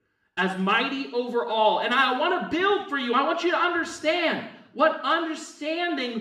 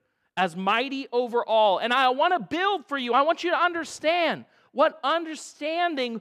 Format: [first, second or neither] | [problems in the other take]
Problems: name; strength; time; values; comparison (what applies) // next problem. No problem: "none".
second | room echo; slight; dies away in 0.7 s // off-mic speech; far